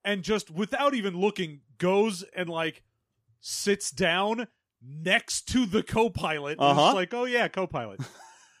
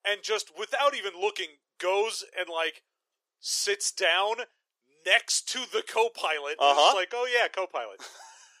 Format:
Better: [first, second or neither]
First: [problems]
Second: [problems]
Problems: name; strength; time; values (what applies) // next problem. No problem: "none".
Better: first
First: none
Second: thin; very; fading below 400 Hz